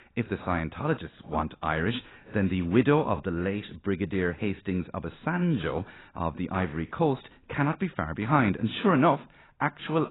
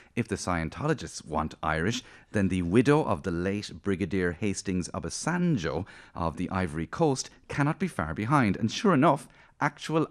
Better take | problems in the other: second | garbled, watery; badly; nothing above 4 kHz

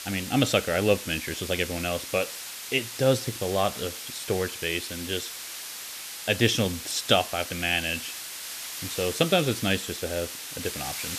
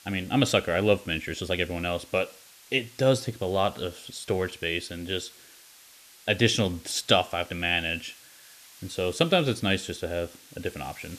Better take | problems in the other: second | hiss; loud; throughout; 8 dB below the speech; faint in the second

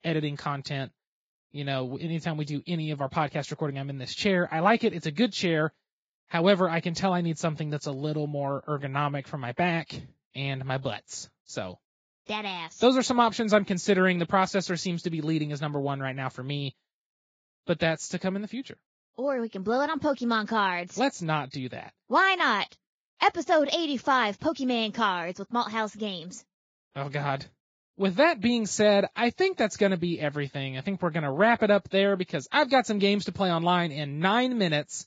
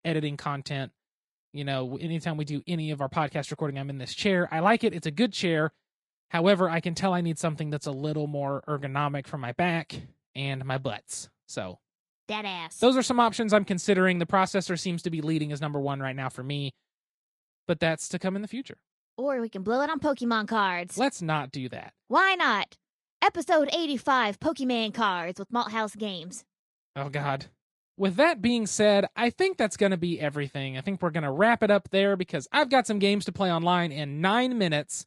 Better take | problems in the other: second | garbled, watery; badly; nothing above 7.5 kHz; slightly in the second

